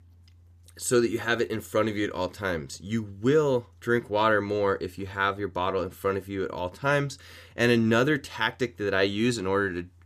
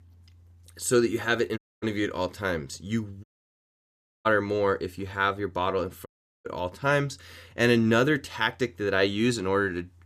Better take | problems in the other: first | audio cutting out; at 1.5 s, at 3 s for 1 s and at 6 s

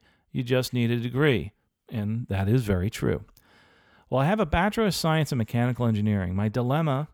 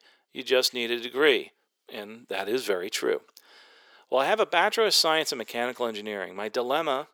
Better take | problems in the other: first | thin; very; fading below 350 Hz

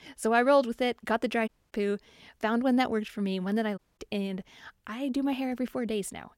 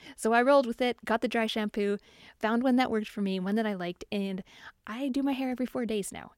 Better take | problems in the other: second | audio cutting out; at 1.5 s and at 4 s

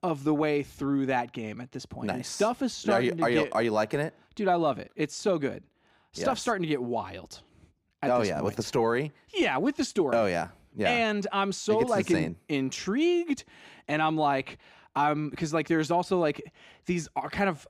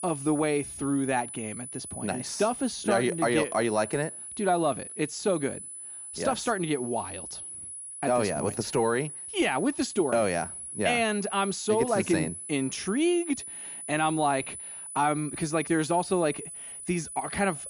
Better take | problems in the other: first | high-pitched whine; loud; throughout; 10 kHz, 9 dB below the speech

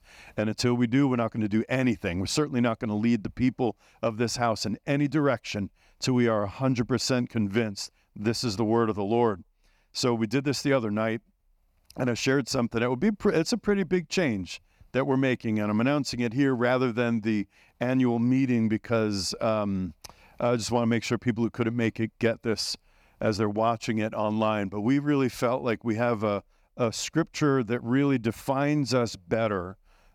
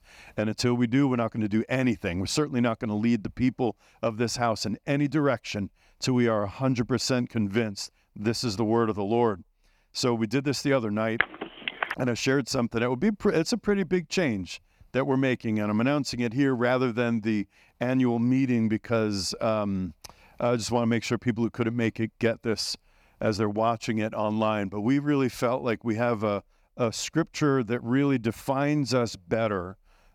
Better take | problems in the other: first | phone ringing; noticeable; at 11 s; peak 2 dB below the speech

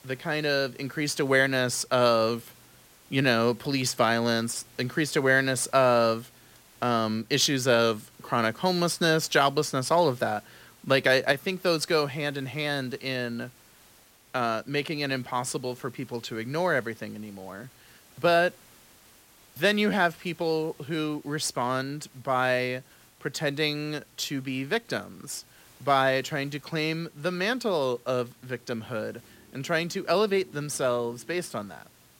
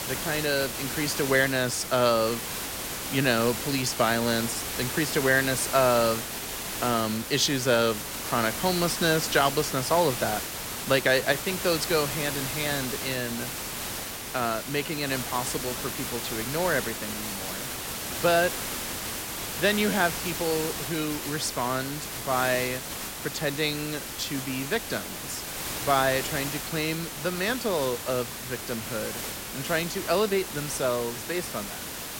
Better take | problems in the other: first | hiss; loud; throughout; 5 dB below the speech; faint in the first

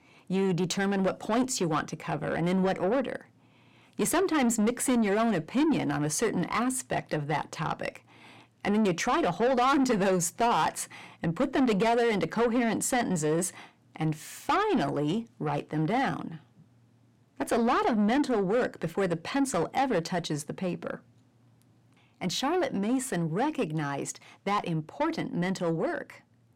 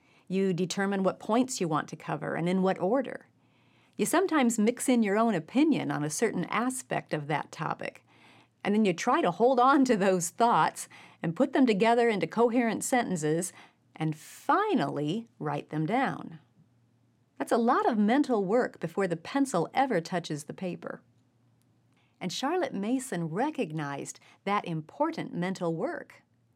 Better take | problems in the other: second | distortion; slight; 10 dB below the speech

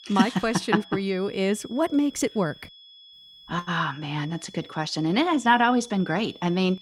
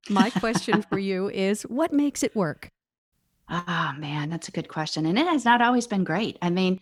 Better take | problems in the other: second | high-pitched whine; faint; throughout; 3.5 kHz, 20 dB below the speech

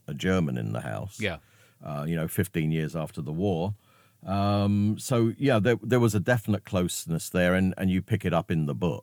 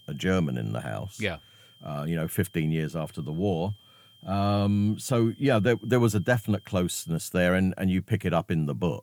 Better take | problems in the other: first | high-pitched whine; faint; until 7 s; 3 kHz, 30 dB below the speech

